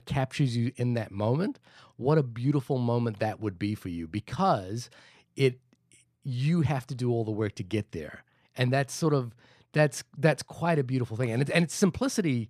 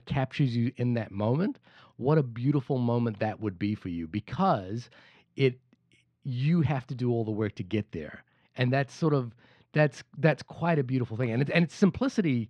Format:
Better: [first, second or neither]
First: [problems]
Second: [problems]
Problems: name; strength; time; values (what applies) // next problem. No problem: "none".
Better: first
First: none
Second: muffled; very slightly; fading above 3.5 kHz